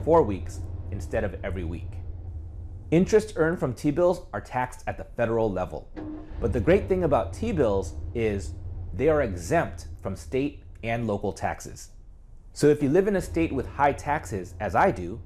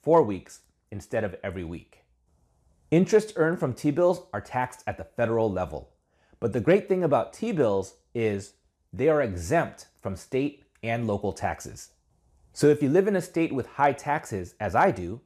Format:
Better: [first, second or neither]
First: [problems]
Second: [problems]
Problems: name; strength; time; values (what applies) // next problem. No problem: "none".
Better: second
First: low rumble; faint; throughout; 25 dB below the speech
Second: none